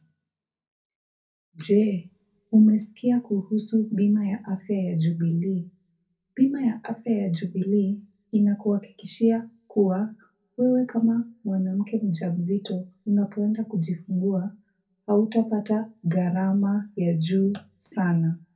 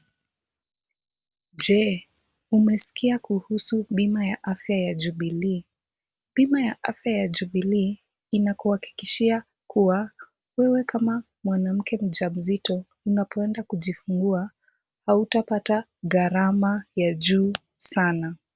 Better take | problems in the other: second | room echo; dies away in 0.3 s

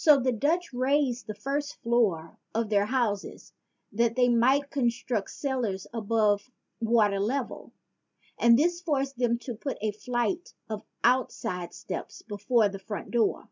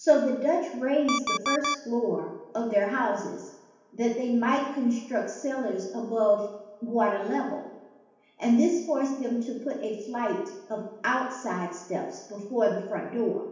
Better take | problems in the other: first | background sound (Alarm); 4 dB below the speech // room echo; dies away in 0.9 s

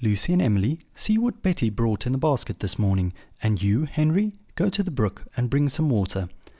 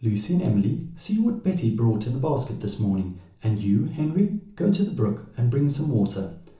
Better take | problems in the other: first | room echo; dies away in 0.8 s

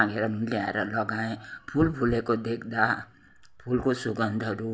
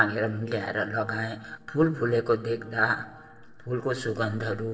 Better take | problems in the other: first | noise reduction (neural separator model SepFormer DNS4)

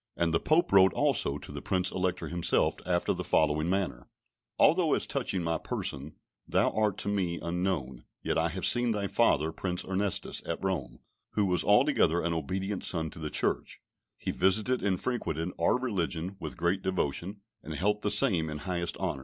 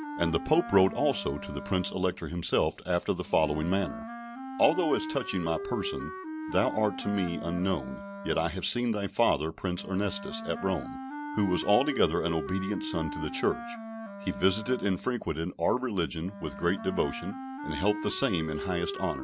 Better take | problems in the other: first | background sound (Wind instrument, woodwind instrument); 10 dB below the speech

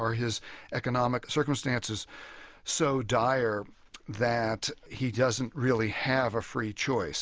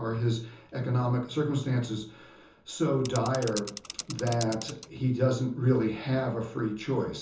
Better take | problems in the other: first | background sound (Mechanisms / Bicycle); 13 dB below the speech // room echo; dies away in 0.6 s

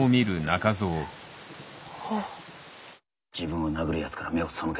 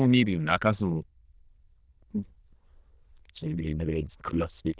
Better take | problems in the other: first | noise reduction (neural diffusion model UNIVERSE++)

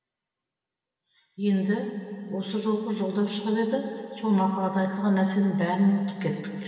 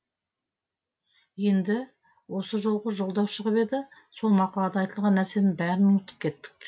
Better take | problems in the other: second | room echo; dies away in 2.7 s

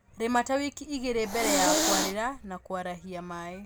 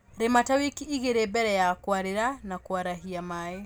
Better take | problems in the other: second | background sound (Hiss); 2 dB above the speech

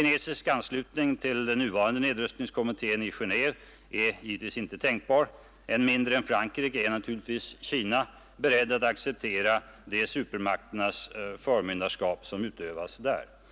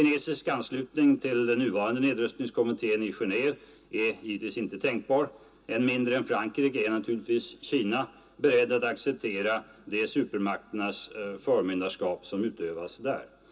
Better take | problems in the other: first | room echo; dies away in 0.2 s

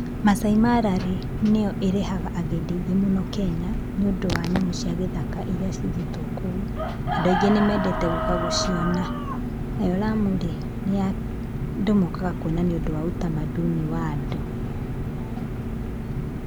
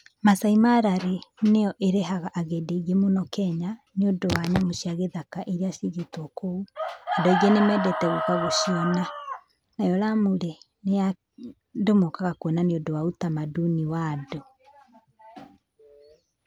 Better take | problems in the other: second | background sound (Engine); 3 dB below the speech

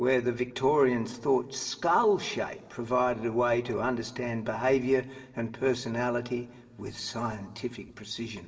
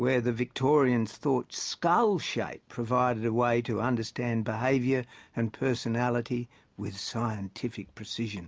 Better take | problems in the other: second | room echo; dies away in 2.8 s

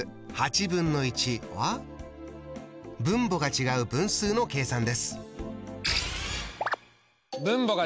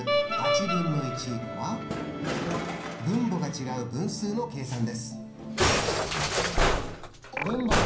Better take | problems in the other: first | background sound (Musical instrument); 3 dB above the speech // room echo; dies away in 0.6 s

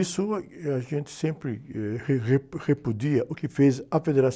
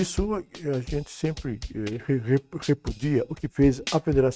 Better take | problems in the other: first | noise reduction (neural mask model RNNoise)

